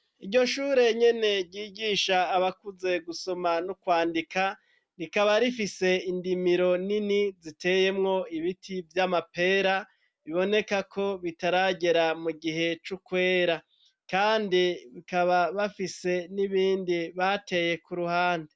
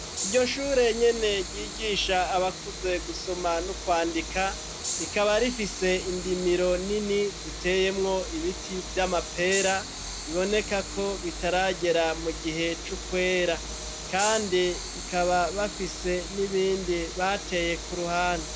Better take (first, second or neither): first